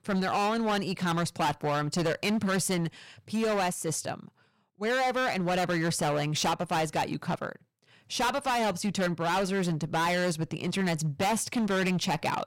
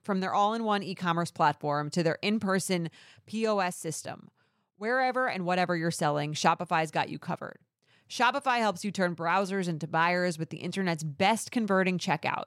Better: second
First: distortion; heavy; 20% of the sound clipped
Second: none

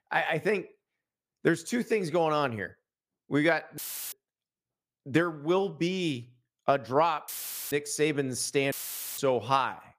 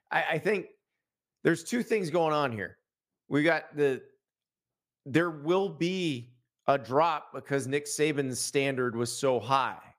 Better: second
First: audio cutting out; filled with static; at 4 s, at 7.5 s and at 8.5 s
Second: none

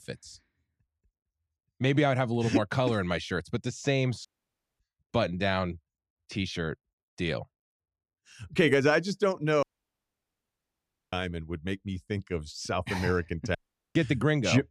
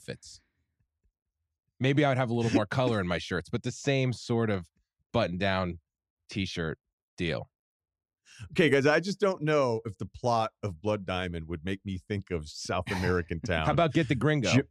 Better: second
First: audio cutting out; at 4.5 s for 0.5 s, at 9.5 s for 1.5 s and at 14 s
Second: none

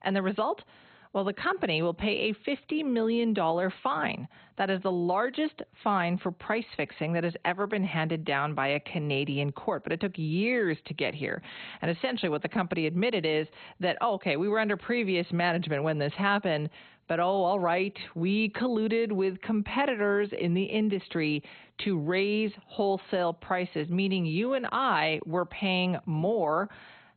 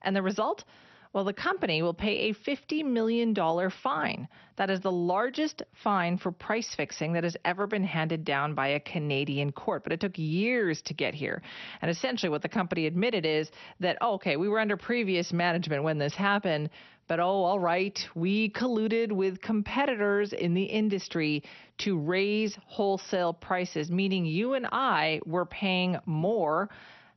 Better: second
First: garbled, watery; badly; nothing above 4 kHz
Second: garbled, watery; slightly; nothing above 6 kHz

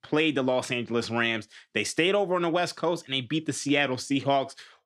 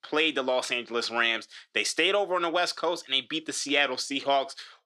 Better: first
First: none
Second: thin; somewhat; fading below 400 Hz

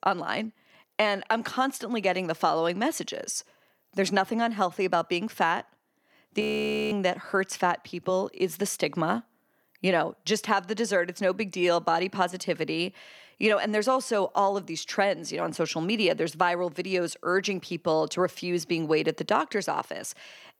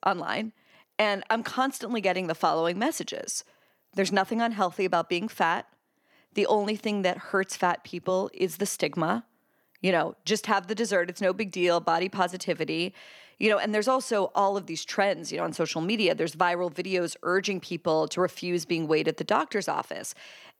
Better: second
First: audio freezing; at 6.5 s for 0.5 s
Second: none

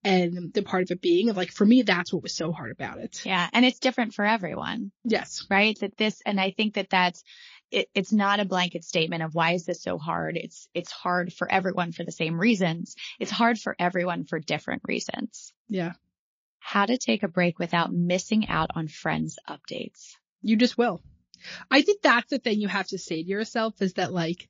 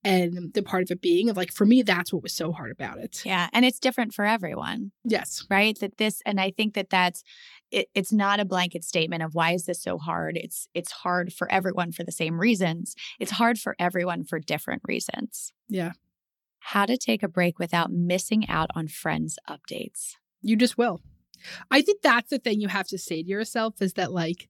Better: second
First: garbled, watery; slightly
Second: none

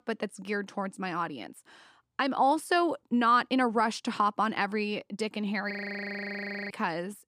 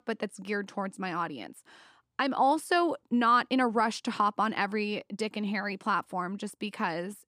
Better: second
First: audio freezing; at 5.5 s for 1 s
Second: none

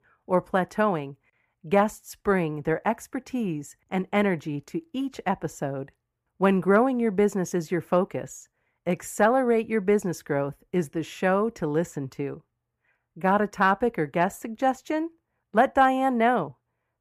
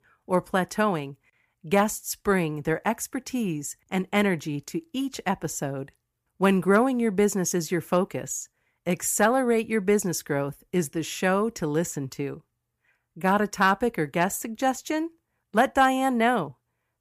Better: second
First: muffled; slightly; fading above 3 kHz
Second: none

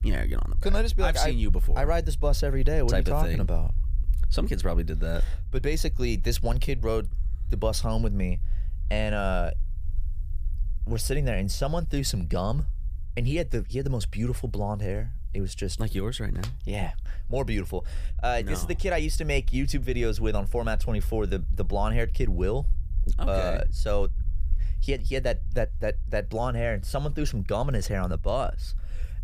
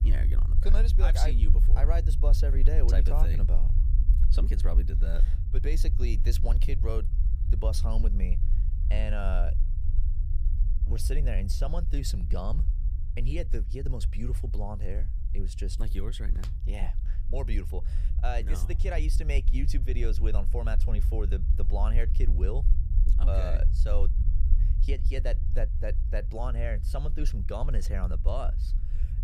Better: first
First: low rumble; faint; throughout; 25 dB below the speech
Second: low rumble; loud; throughout; 10 dB below the speech

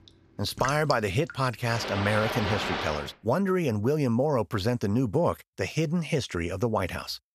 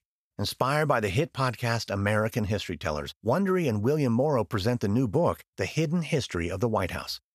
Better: second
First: rain or running water; loud; until 3 s; 5 dB below the speech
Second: none

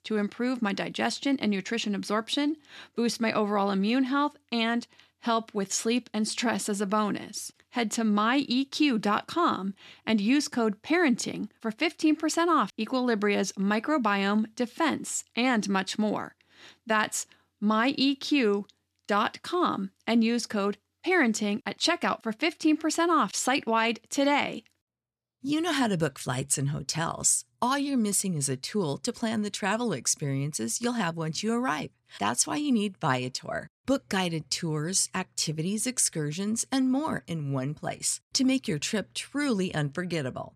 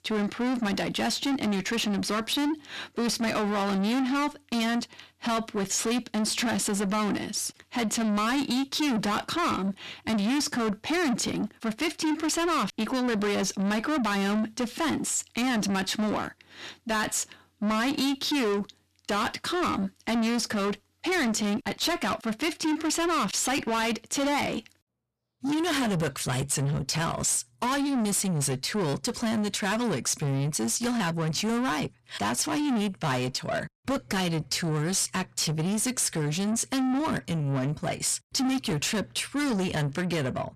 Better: first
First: none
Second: distortion; heavy; 6 dB below the speech

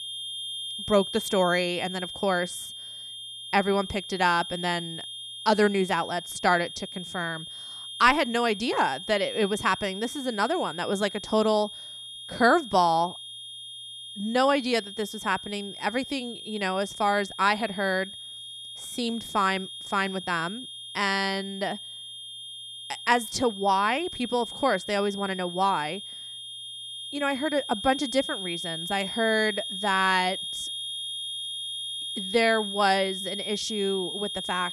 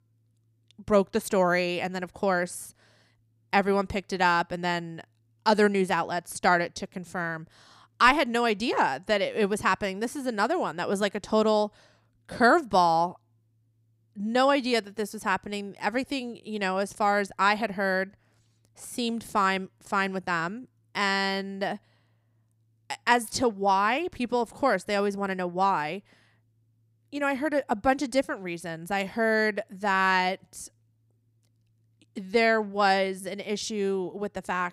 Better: second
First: high-pitched whine; loud; throughout; 3.5 kHz, 8 dB below the speech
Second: none

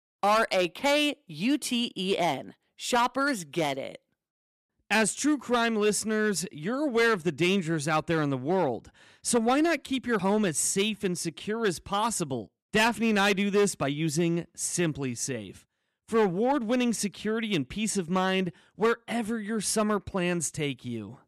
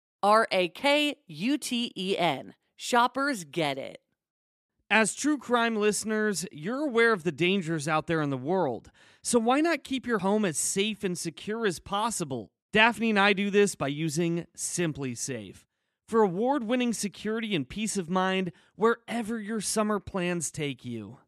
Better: second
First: distortion; slight; 4% of the sound clipped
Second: none

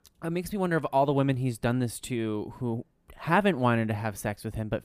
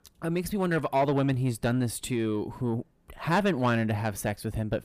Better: first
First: none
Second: distortion; slight; 10 dB below the speech

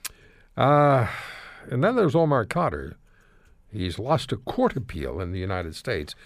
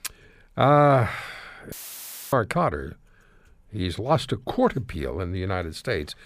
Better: first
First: none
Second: audio cutting out; filled with static; at 1.5 s for 0.5 s

